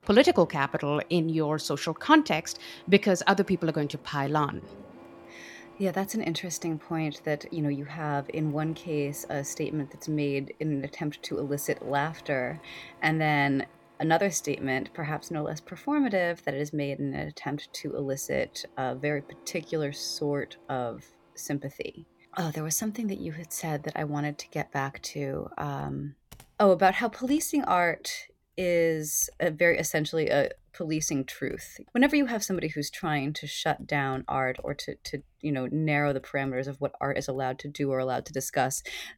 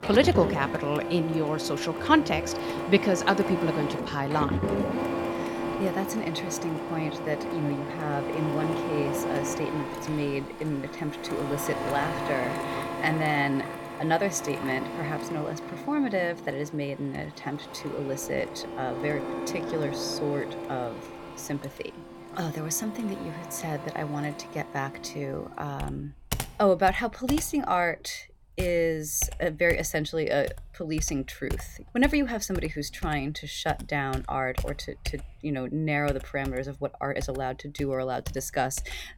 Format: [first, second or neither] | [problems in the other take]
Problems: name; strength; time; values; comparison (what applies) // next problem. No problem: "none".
first | household noises; loud; throughout; 5 dB below the speech; faint in the first